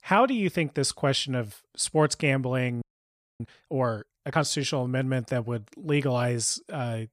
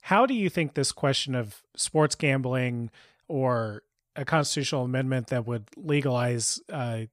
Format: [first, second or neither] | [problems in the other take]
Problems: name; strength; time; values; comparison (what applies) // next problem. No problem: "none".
second | audio freezing; at 3 s for 0.5 s